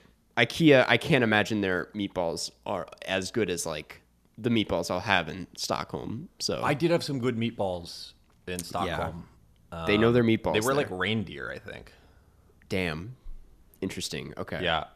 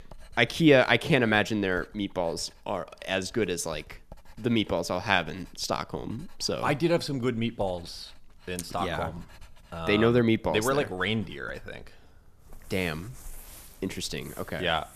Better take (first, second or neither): first